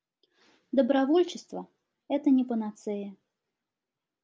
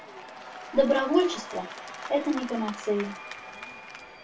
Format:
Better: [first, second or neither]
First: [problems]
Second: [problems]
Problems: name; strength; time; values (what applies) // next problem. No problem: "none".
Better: first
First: none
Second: background sound (Applause / Crowd / Cheering); 12 dB below the speech // room echo; dies away in 0.2 s